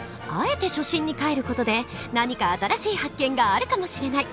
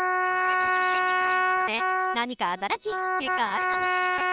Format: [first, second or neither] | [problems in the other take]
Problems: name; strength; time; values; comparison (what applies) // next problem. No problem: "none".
first | noise reduction (neural separator model SepFormer WHAM!)